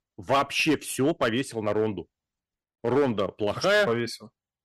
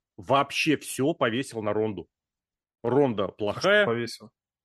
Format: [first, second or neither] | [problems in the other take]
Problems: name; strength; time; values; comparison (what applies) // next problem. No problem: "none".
second | distortion; slight; 4% of the sound clipped